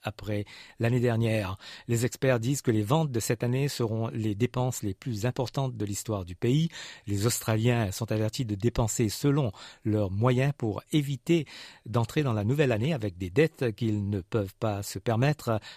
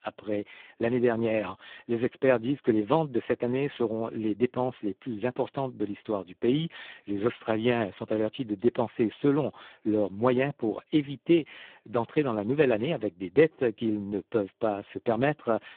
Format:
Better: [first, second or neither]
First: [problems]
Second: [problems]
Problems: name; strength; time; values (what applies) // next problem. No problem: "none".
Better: first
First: none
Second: phone-call audio; poor line